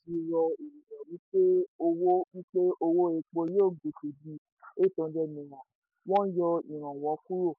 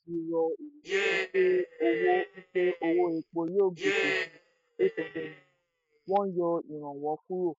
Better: first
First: none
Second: noise reduction (neural mask model RNNoise)

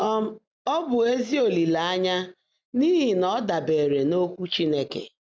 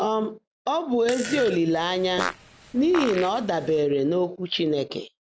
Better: first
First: none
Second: background sound (Fart + Fart); 10 dB below the speech

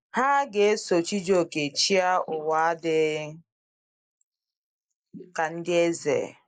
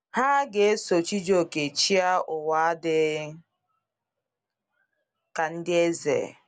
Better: second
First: noise reduction (neural mask model Resemble Enhance denoiser)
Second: none

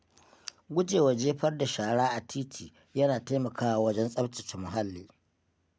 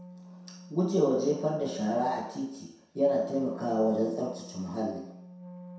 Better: first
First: none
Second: background sound (Wind instrument, woodwind instrument); 16 dB below the speech // room echo; dies away in 0.7 s

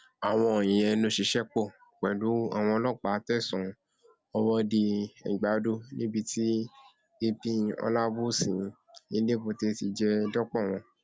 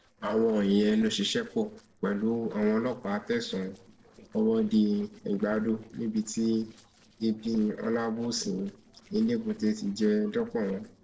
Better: first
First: none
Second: noise reduction (neural separator model SepFormer DNS4)

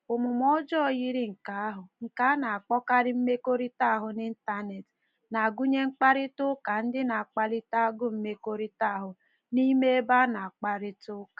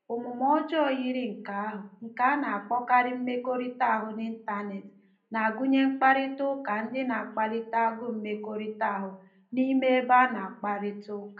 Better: first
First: none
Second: room echo; dies away in 0.4 s

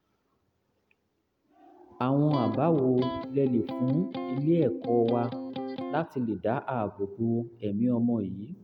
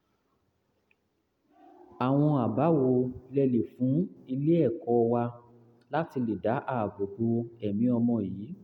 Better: second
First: background sound (Electric guitar); 7 dB below the speech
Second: none

